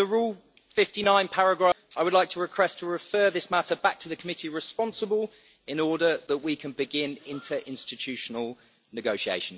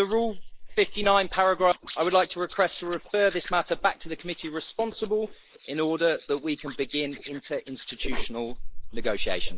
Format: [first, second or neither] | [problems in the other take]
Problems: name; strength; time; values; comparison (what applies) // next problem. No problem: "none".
first | noise reduction (neural mask model Resemble Enhance denoiser)